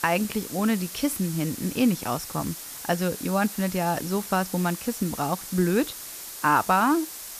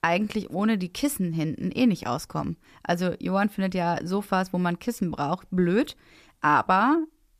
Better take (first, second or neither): second